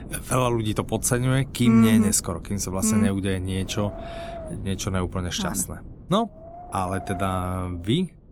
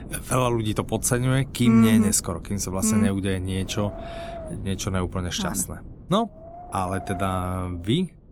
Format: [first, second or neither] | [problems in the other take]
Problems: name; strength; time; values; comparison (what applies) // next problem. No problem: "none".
neither | wind noise on the microphone; occasional gusts; 15 dB below the speech; the same in both